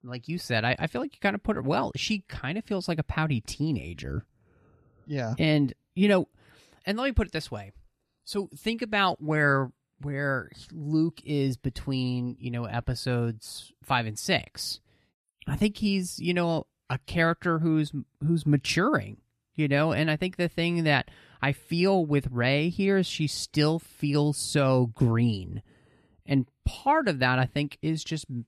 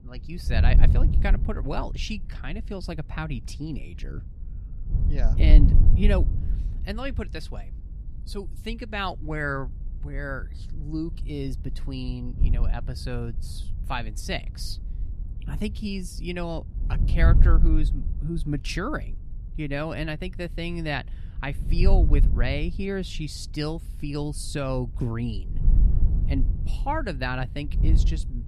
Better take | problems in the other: first | wind noise on the microphone; occasional gusts; 10 dB below the speech

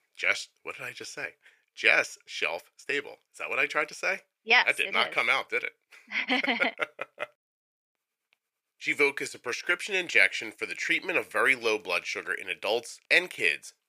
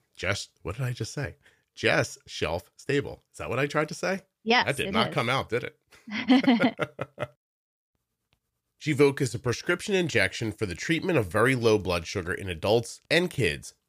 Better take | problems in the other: second | thin; somewhat; fading below 450 Hz

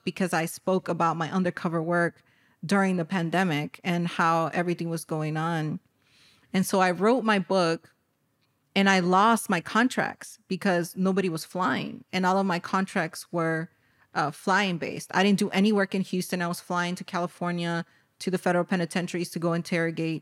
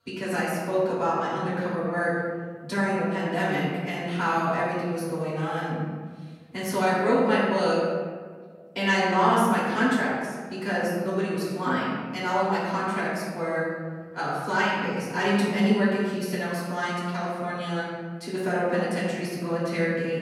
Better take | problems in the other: first | room echo; strong; dies away in 1.4 s // off-mic speech; far

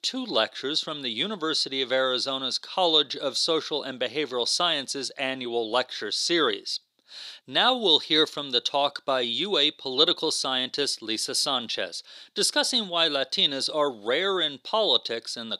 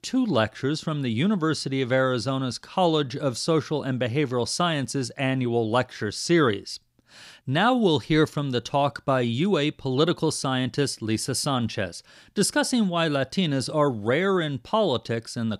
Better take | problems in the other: second | thin; somewhat; fading below 450 Hz

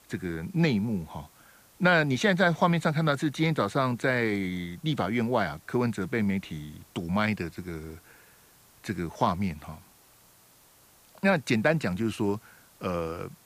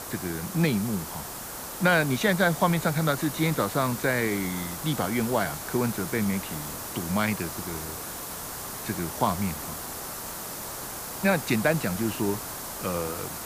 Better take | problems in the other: first | hiss; loud; throughout; 7 dB below the speech; faint in the first

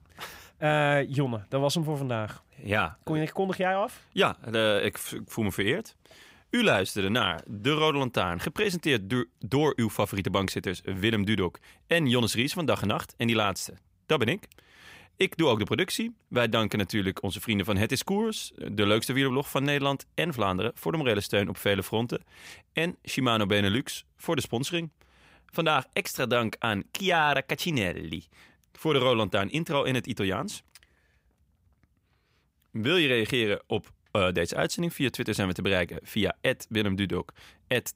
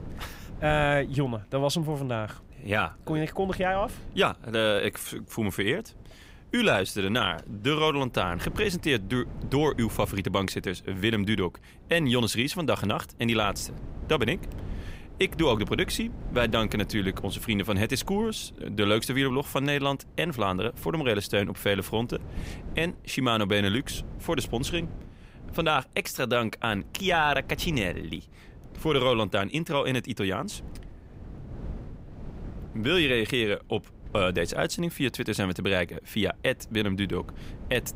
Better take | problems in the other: first | wind noise on the microphone; occasional gusts; 25 dB below the speech

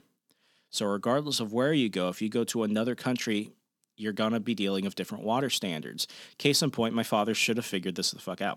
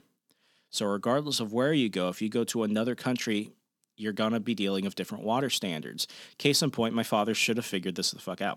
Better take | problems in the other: neither | none

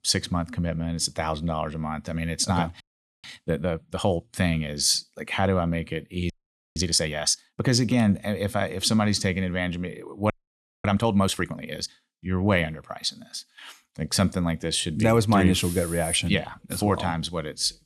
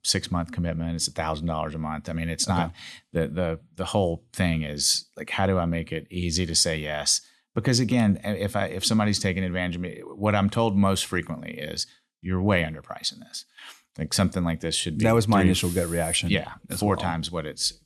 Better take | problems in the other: second | audio freezing; at 3 s, at 6.5 s and at 10 s for 0.5 s

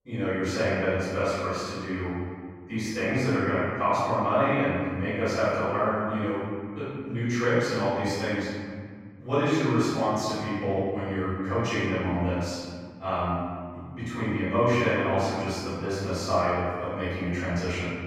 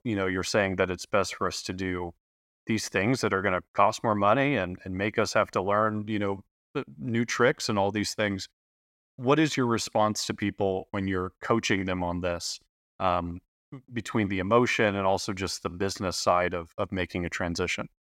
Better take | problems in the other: second | off-mic speech; far // room echo; strong; dies away in 2.2 s

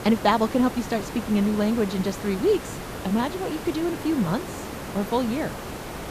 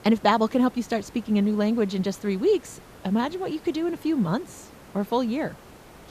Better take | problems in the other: second | hiss; loud; throughout; 9 dB below the speech; faint in the second

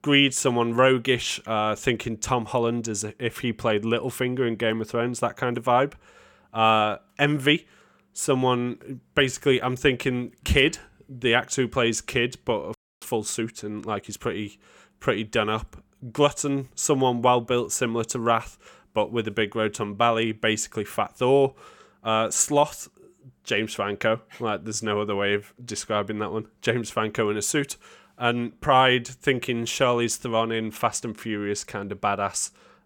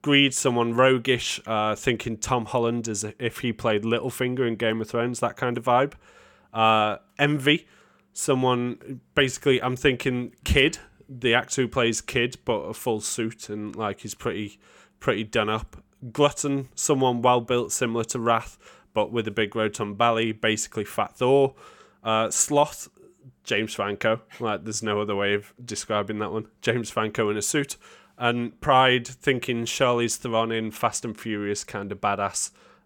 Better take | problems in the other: second | audio freezing; at 13 s

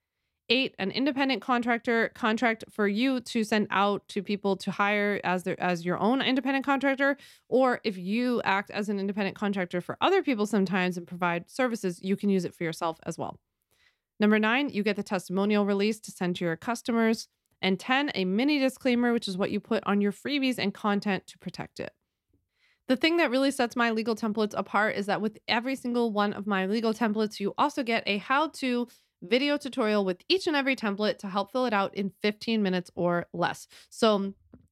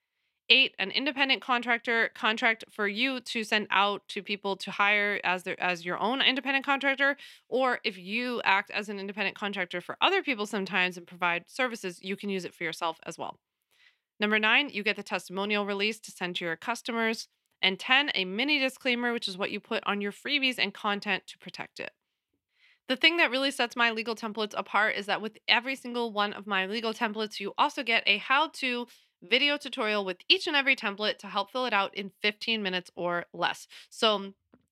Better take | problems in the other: first | thin; very slightly; fading below 700 Hz

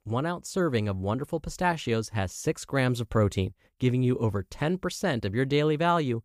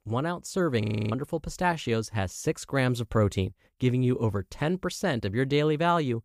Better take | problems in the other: first | audio freezing; at 1 s

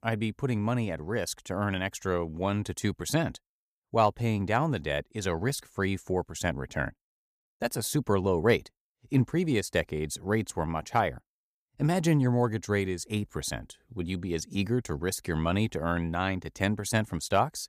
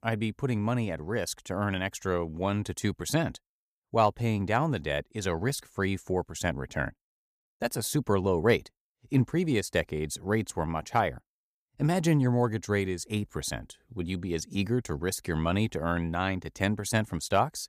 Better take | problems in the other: neither | none

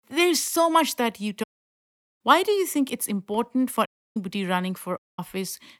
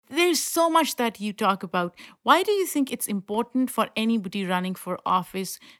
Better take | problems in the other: second | audio cutting out; at 1.5 s for 1 s, at 4 s and at 5 s

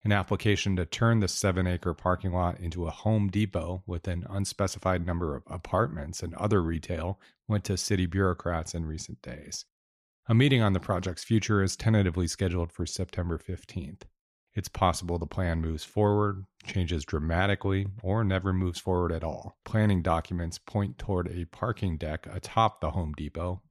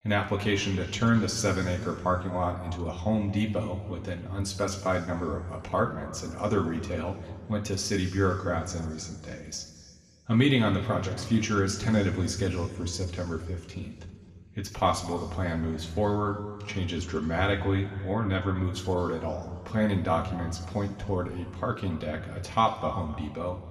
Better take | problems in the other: first | room echo; slight; dies away in 2 s // off-mic speech; somewhat distant

